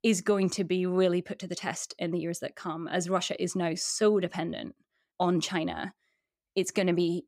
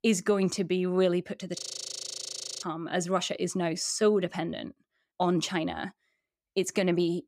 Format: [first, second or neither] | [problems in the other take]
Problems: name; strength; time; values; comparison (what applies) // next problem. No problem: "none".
first | audio freezing; at 1.5 s for 1 s